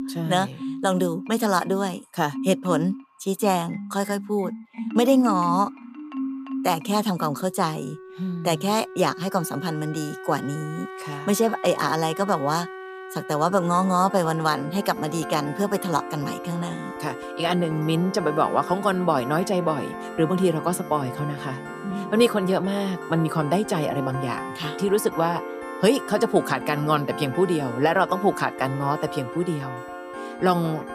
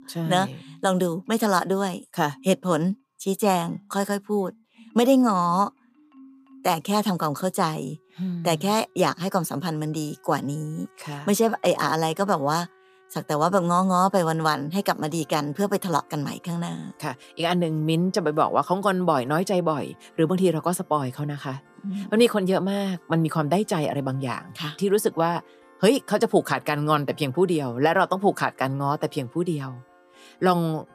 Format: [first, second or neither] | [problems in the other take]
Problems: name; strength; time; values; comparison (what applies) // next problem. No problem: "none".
second | background music; loud; throughout; 10 dB below the speech; faint in the second